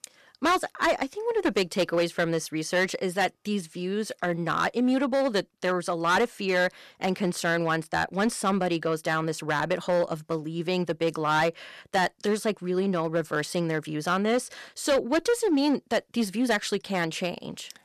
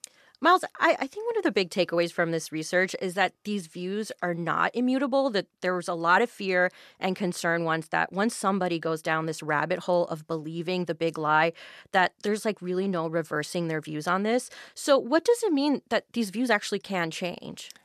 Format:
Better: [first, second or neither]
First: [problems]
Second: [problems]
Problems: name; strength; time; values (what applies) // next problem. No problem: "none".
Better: second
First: distortion; slight; 6% of the sound clipped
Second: none